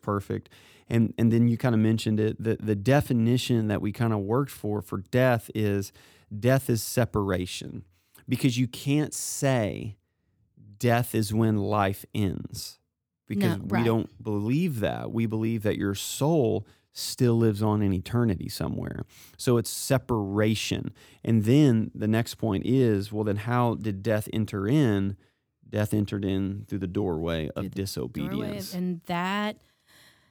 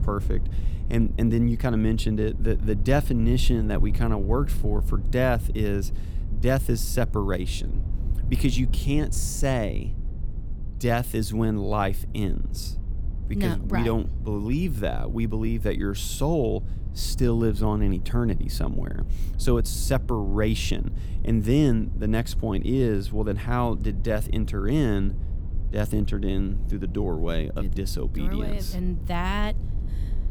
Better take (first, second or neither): first